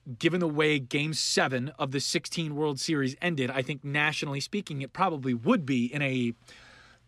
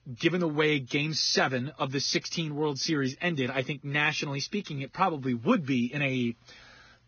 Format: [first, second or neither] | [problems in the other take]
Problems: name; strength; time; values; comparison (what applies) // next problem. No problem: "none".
first | garbled, watery; badly; nothing above 6.5 kHz